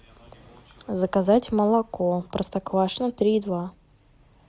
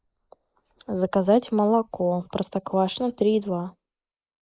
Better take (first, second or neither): first